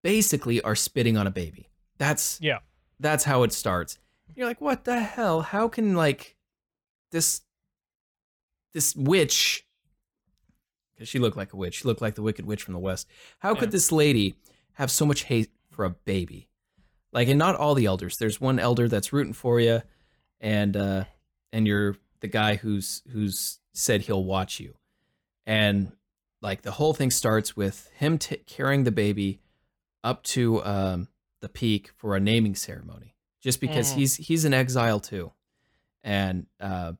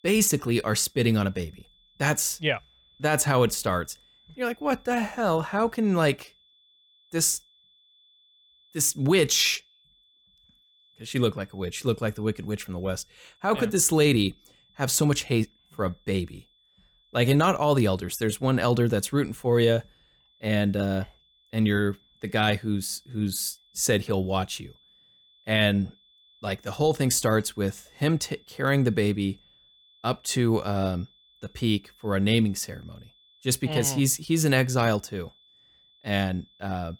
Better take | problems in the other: first | high-pitched whine; faint; throughout; 3.5 kHz, 35 dB below the speech

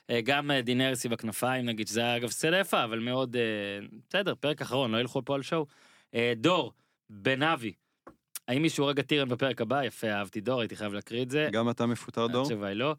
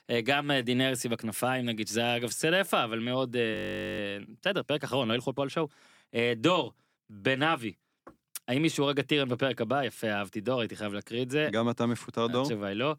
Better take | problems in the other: first | audio freezing; at 3.5 s

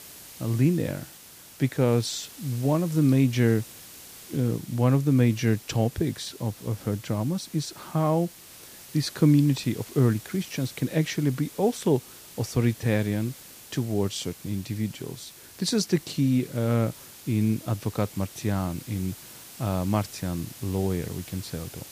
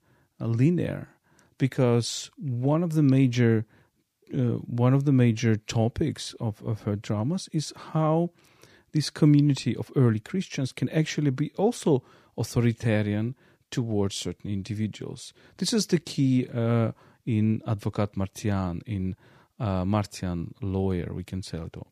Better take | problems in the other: second | hiss; noticeable; throughout; 15 dB below the speech

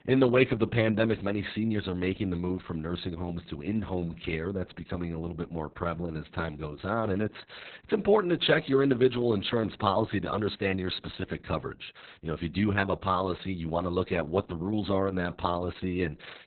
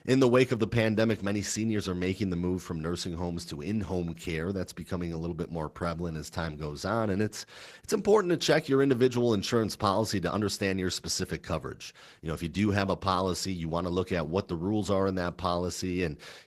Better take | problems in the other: second | garbled, watery; badly; nothing above 4 kHz; slightly in the second

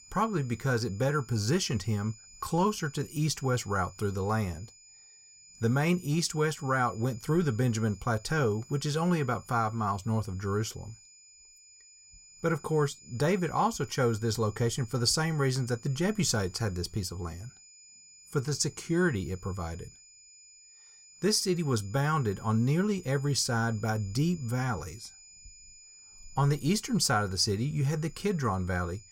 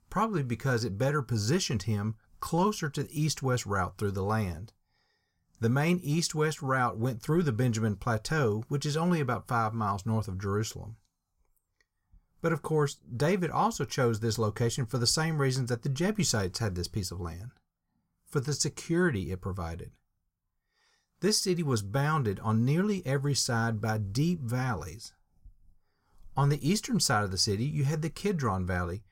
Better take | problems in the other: second | high-pitched whine; faint; throughout; 7 kHz, 20 dB below the speech

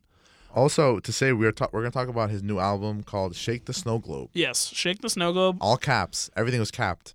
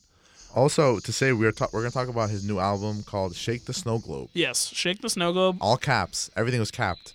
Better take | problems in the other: first | animal sounds; faint; throughout; 25 dB below the speech

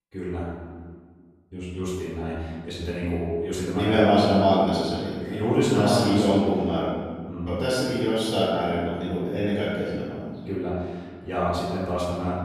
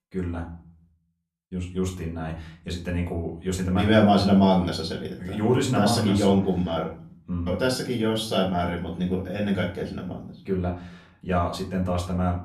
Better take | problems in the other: second | room echo; strong; dies away in 1.5 s; slight in the second // off-mic speech; far; far in the second

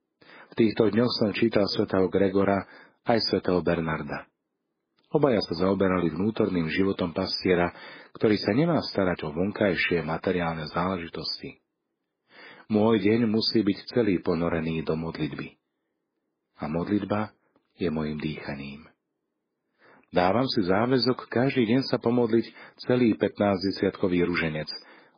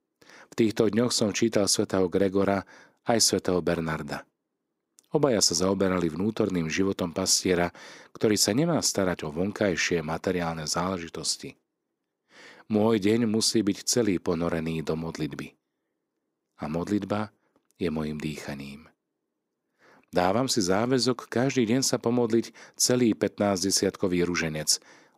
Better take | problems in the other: second | garbled, watery; badly; nothing above 5 kHz

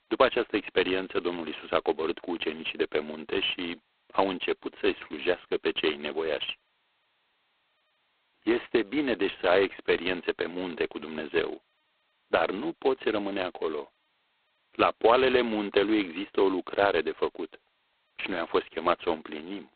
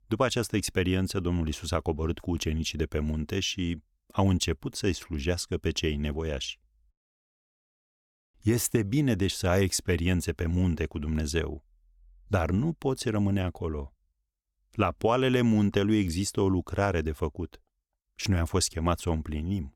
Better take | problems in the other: second | phone-call audio; poor line; nothing above 3.5 kHz

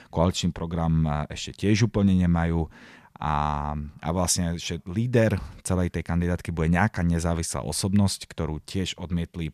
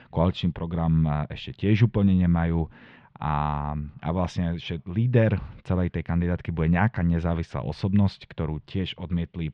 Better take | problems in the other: first | muffled; very; fading above 3 kHz

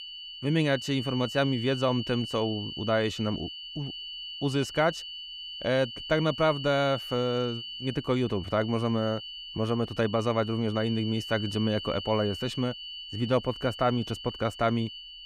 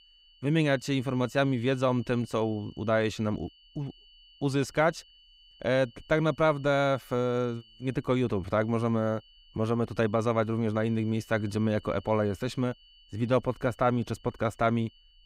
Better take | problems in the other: second | high-pitched whine; loud; throughout; 3 kHz, 9 dB below the speech; faint in the second

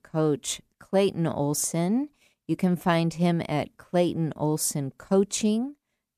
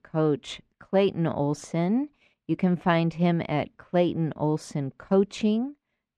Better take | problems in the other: first | muffled; slightly; fading above 2.5 kHz

